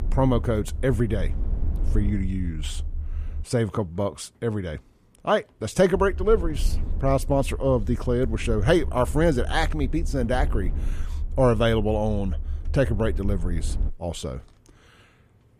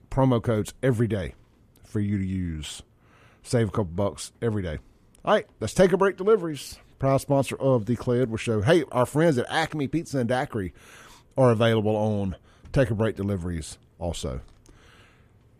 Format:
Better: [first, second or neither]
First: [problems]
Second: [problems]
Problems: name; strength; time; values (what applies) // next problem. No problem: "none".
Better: second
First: low rumble; faint; until 3.5 s and from 6 to 14 s; 20 dB below the speech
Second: none